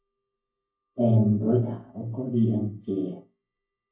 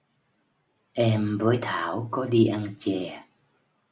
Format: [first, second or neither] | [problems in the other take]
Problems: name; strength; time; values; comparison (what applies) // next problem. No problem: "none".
second | noise reduction (neural mask model DeepFilterNet 3)